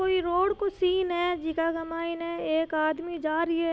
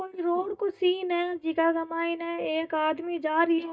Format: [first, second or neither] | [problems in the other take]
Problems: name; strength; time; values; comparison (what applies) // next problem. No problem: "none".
first | noise reduction (neural mask model DeepFilterNet 3)